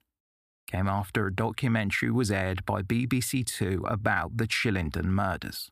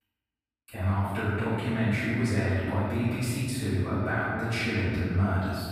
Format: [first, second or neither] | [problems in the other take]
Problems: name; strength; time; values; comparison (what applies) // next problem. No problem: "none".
first | room echo; strong; dies away in 2.1 s // off-mic speech; far